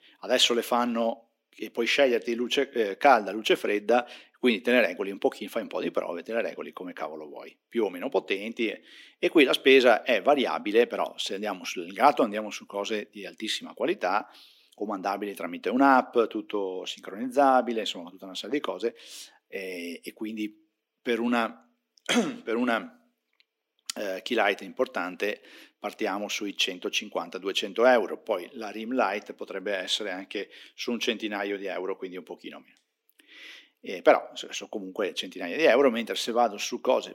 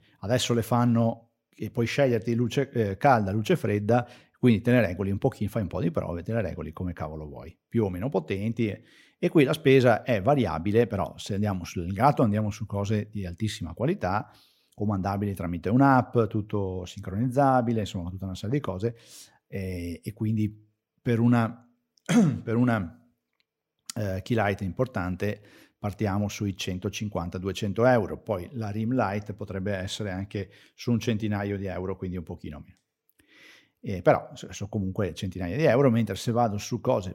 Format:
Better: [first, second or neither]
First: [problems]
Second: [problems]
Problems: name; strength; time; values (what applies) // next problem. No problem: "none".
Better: second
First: thin; somewhat; fading below 250 Hz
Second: none